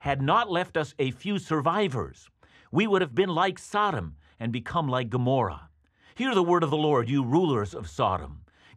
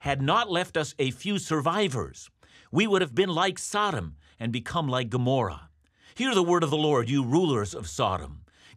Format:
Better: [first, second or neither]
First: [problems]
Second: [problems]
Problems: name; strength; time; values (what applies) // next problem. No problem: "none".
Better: second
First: muffled; slightly; fading above 3.5 kHz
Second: none